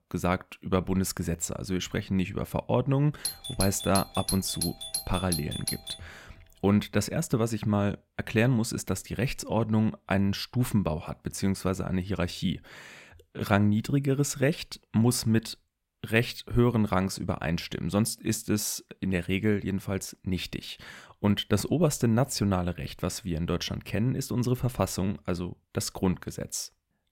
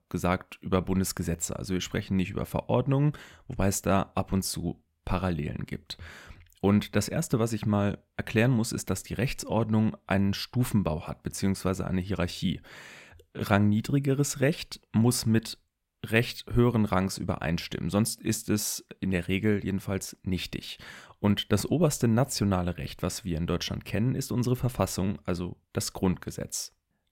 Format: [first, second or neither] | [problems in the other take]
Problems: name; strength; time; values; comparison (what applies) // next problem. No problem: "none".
second | doorbell; noticeable; from 3.5 to 6 s; peak 2 dB below the speech